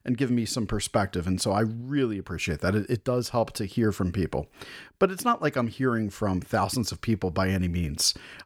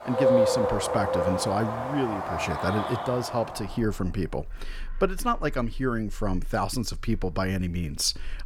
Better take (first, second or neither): first